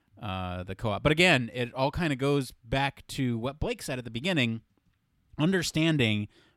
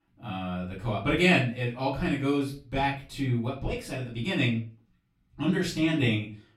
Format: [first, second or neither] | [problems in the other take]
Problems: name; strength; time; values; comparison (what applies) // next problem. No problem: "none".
first | off-mic speech; far // room echo; slight; dies away in 0.3 s